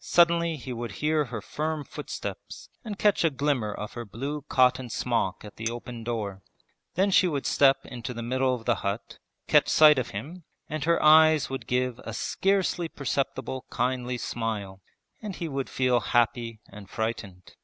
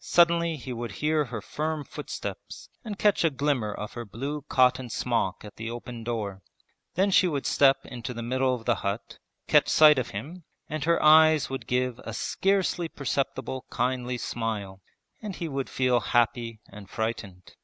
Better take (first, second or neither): second